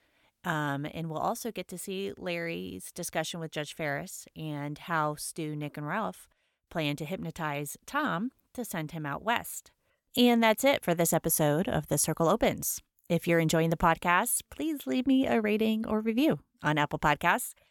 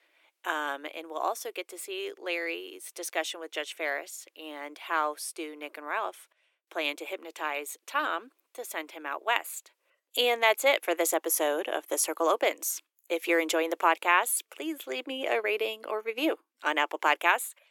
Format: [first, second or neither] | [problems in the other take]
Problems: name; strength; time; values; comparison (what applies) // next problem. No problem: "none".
first | thin; very; fading below 350 Hz